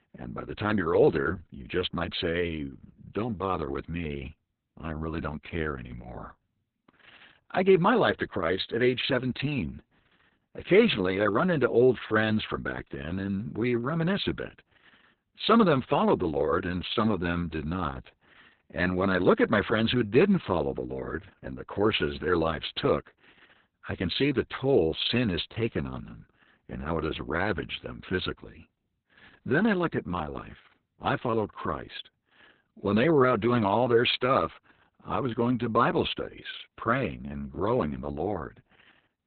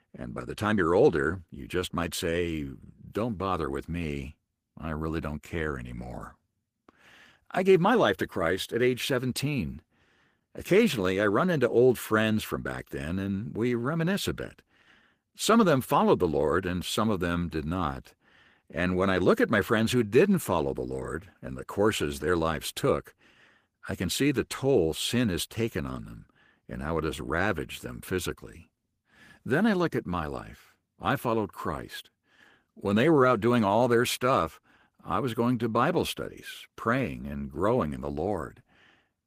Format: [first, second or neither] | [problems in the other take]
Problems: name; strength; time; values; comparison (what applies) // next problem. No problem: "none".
second | garbled, watery; badly; nothing above 4 kHz; slightly in the second